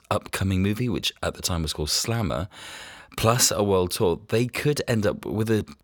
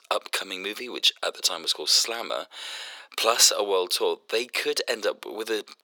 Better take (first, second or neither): first